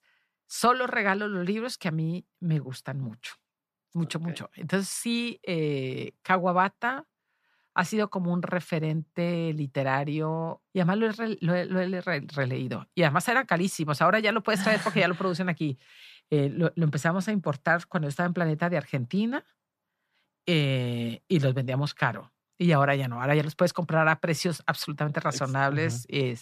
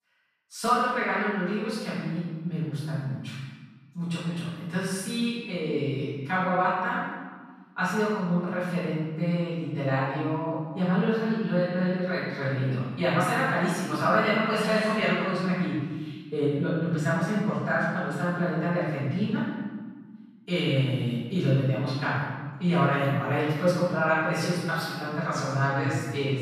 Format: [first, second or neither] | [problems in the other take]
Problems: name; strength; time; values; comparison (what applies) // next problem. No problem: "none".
first | off-mic speech; far // room echo; strong; dies away in 1.3 s